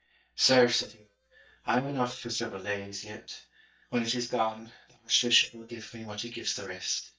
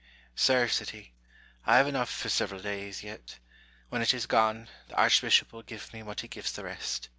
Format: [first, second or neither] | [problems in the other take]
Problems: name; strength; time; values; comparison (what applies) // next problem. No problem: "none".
second | noise reduction (neural mask model DeepFilterNet 3)